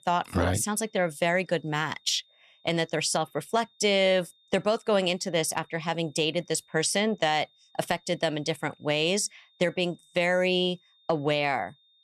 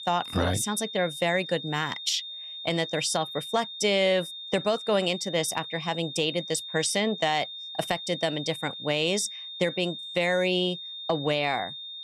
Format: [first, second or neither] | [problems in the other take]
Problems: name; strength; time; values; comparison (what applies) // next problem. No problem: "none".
first | high-pitched whine; loud; throughout; 3.5 kHz, 9 dB below the speech; faint in the first